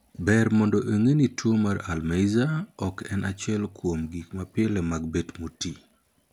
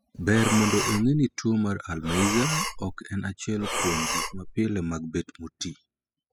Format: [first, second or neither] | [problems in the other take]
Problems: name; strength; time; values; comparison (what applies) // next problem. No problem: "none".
first | noise reduction (classical method spectral subtraction)